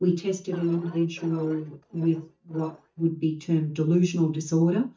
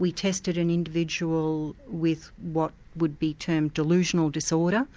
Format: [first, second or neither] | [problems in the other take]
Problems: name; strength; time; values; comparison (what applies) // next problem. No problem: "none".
second | noise reduction (neural mask model DeepFilterNet 3)